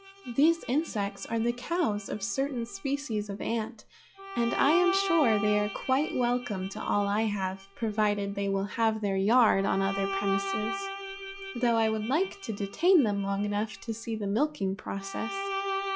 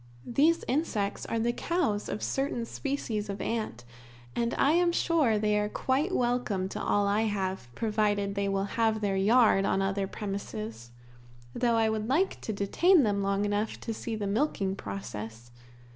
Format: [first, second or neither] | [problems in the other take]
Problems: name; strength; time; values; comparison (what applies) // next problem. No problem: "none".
second | noise reduction (classical method log-MMSE)